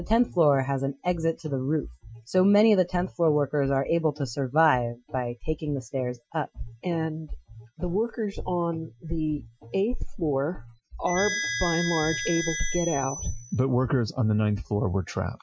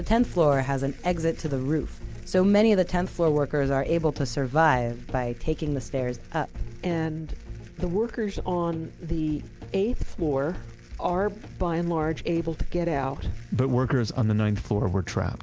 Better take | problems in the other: second | noise reduction (classical method Wiener filter)

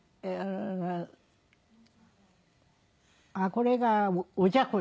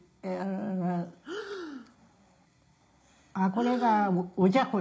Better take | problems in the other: first | background sound (Breathing); 14 dB below the speech // room echo; dies away in 0.4 s

